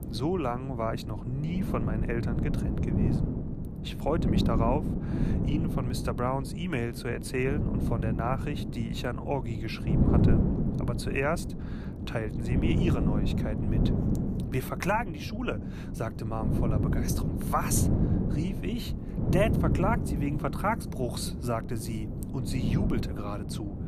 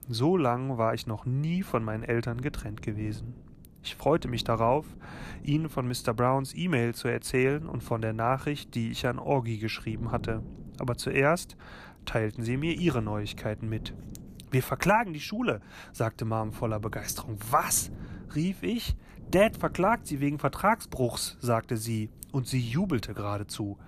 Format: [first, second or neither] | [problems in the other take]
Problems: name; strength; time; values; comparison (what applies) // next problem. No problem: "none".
second | wind noise on the microphone; heavy; 5 dB below the speech; occasional gusts in the second